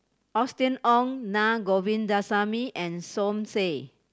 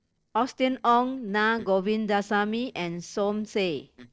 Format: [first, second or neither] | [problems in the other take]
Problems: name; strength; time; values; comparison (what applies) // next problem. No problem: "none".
first | noise reduction (neural separator model SepFormer DNS4)